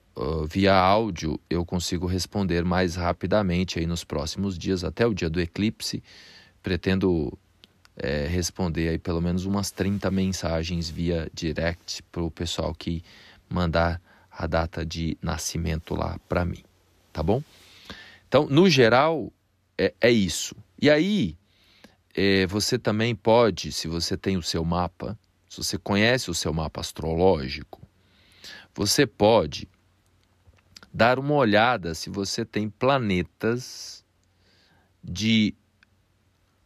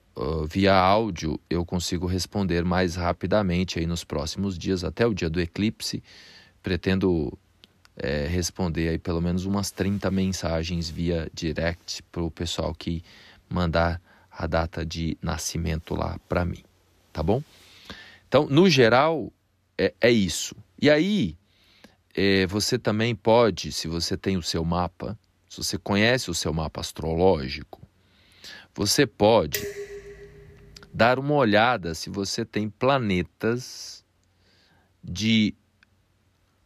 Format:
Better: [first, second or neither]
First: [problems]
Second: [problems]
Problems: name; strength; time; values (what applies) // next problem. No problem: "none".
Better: first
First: none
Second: clattering dishes; noticeable; at 30 s; peak 7 dB below the speech